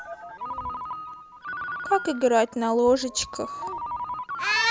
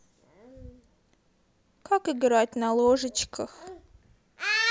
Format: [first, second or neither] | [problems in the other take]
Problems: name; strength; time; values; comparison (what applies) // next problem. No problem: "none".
second | background sound (Ringtone); 8 dB below the speech